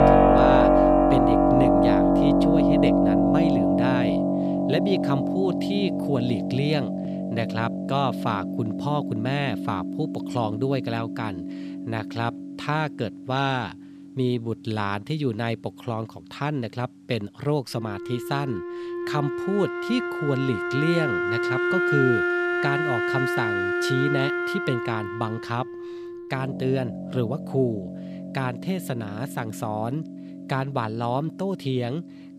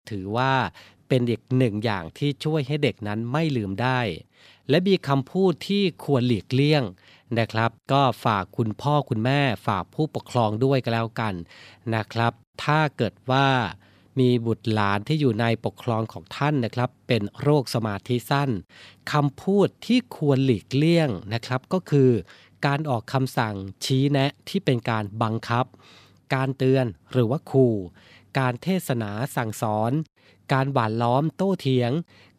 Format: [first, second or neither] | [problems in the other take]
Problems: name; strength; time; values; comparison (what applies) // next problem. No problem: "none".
second | background music; very loud; throughout; 4 dB above the speech